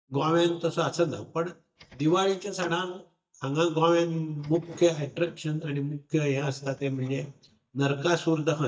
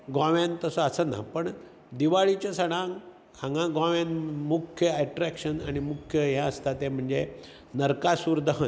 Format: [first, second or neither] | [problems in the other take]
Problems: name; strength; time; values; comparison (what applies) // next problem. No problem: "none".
second | noise reduction (neural mask model DeepFilterNet 3)